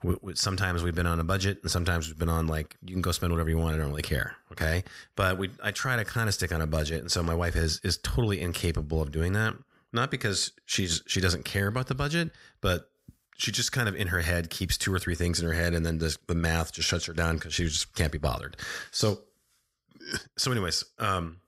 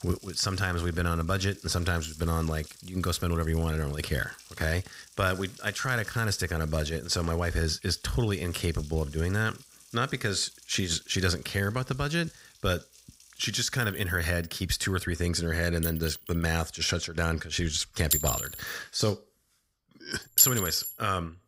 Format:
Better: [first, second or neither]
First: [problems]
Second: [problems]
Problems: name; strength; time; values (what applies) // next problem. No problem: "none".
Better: first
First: none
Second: household noises; very loud; throughout; as loud as the speech